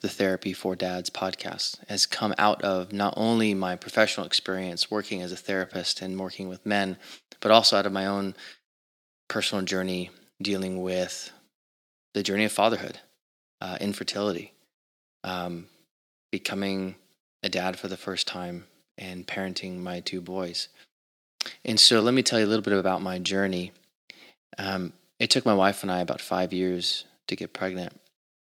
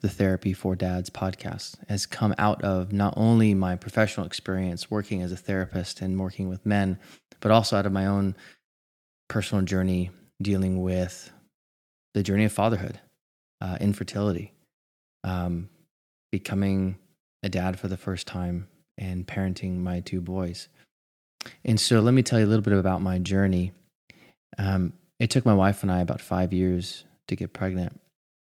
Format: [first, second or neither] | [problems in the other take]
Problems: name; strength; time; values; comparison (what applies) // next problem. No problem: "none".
second | thin; somewhat; fading below 300 Hz